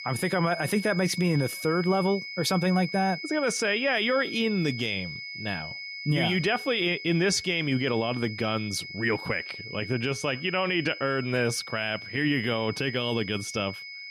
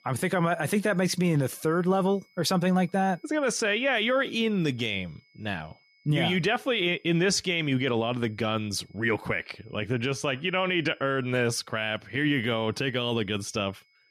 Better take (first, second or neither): second